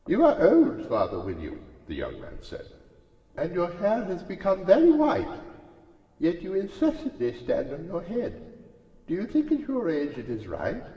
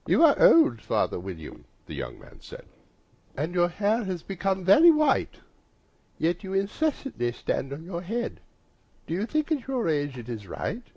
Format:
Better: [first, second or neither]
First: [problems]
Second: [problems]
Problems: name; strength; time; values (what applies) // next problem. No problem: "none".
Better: second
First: room echo; dies away in 2 s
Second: none